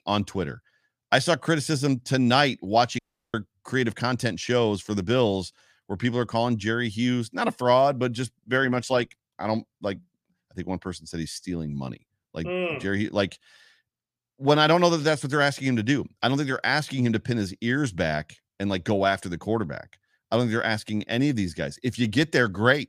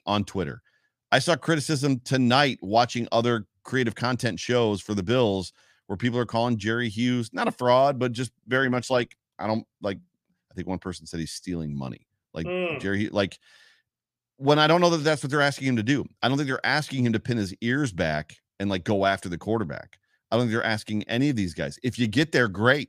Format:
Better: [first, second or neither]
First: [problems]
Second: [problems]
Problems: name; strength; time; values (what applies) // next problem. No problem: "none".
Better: second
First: audio cutting out; at 3 s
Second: none